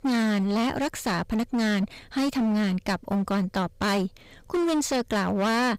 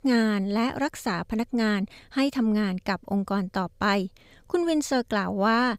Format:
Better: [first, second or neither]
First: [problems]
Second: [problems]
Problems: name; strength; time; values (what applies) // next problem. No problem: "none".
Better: second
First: distortion; heavy; 26% of the sound clipped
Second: none